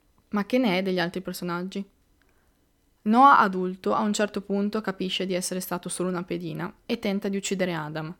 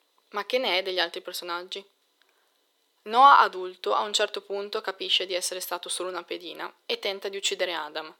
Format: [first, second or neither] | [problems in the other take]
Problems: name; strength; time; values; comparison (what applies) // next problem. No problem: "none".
first | thin; very; fading below 400 Hz